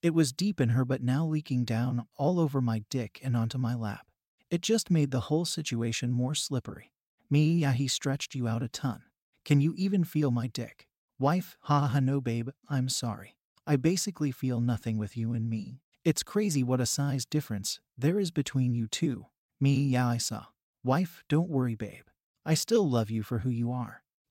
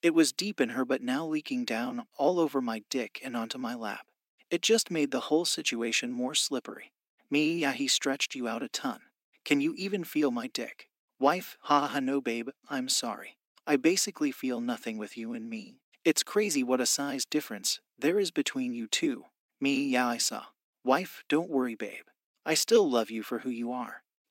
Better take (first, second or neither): first